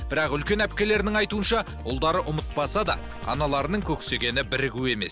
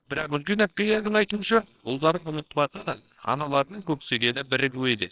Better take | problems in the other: first | noise reduction (neural separator model SepFormer WHAMR!)

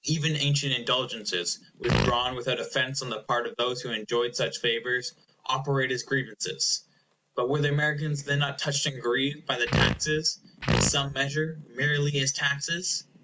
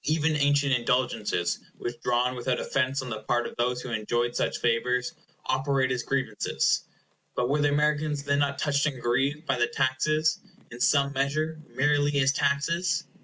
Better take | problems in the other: second | background sound (Fart); 2 dB above the speech

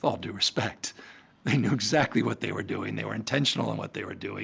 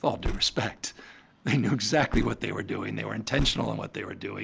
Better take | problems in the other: first | background sound (Car); 7 dB below the speech

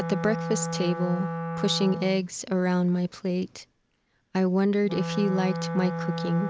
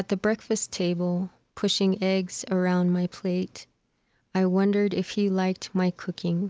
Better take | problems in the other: second | background sound (Wind instrument, woodwind instrument); 6 dB below the speech

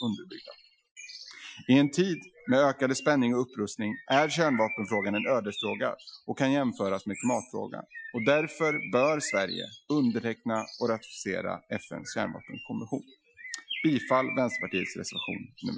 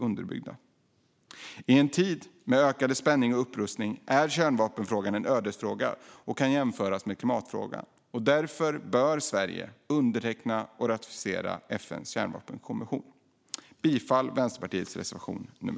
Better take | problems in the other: second | noise reduction (classical method Wiener filter)

